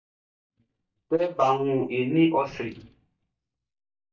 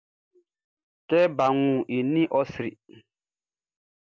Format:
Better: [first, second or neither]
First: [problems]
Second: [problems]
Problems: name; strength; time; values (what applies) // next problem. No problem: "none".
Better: second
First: noise reduction (neural mask model DeepFilterNet 3)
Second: none